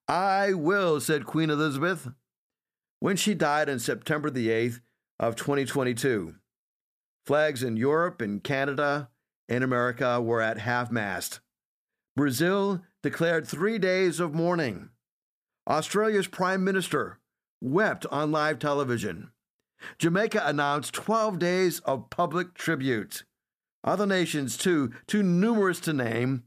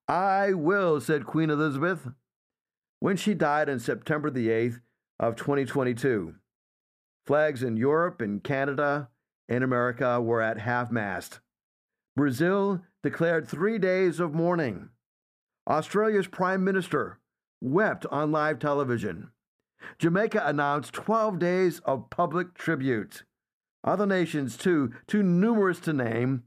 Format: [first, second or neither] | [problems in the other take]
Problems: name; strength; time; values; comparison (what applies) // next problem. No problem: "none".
first | muffled; slightly; fading above 2.5 kHz